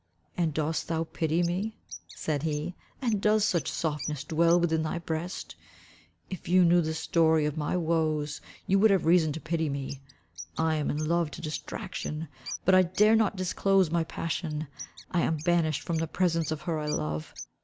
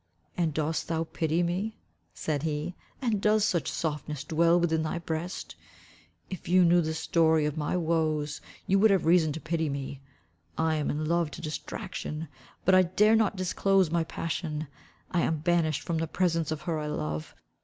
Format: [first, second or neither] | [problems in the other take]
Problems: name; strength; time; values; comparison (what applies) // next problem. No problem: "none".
second | background sound (Bird); 18 dB below the speech